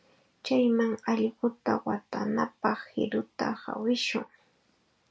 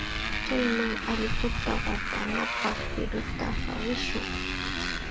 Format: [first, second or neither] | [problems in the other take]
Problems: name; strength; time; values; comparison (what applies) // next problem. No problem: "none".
first | background sound (Motorcycle); 3 dB above the speech